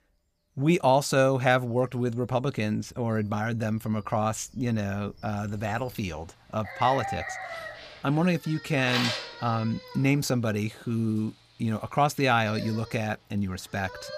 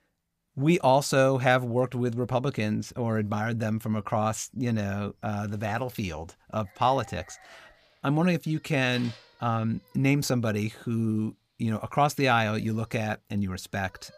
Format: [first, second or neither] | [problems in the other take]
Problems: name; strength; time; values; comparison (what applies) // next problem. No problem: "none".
second | animal sounds; loud; throughout; 9 dB below the speech; faint in the second